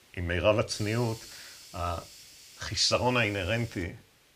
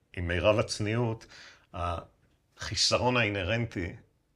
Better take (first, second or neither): second